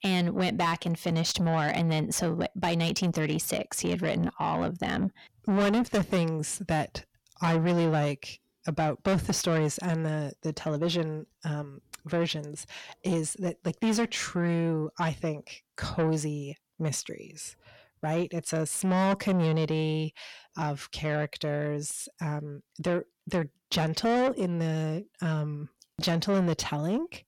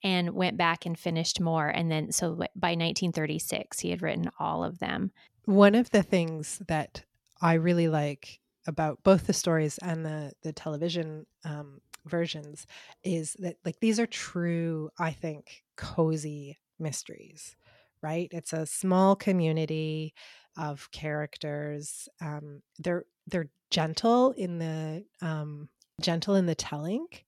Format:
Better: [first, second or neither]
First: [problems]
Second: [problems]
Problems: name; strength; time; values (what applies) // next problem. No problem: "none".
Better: second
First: distortion; heavy; 7 dB below the speech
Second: none